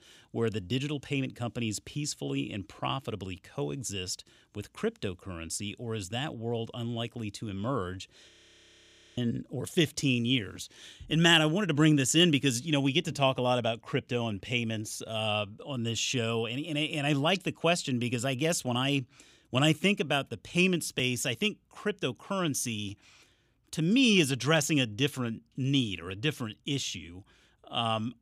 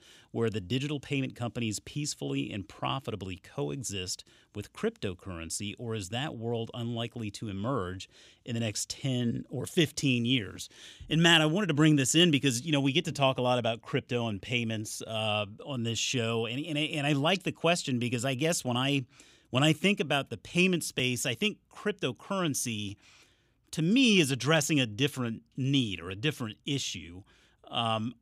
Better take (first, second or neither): second